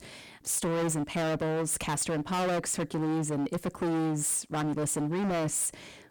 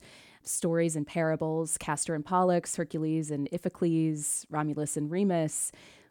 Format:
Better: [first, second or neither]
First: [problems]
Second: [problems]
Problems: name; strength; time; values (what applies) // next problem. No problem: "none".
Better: second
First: distortion; heavy; 30% of the sound clipped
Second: none